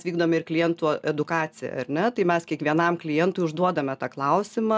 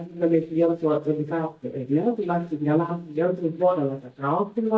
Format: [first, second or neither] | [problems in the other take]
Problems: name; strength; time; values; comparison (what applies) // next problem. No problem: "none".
first | noise reduction (neural mask model DeepFilterNet 3)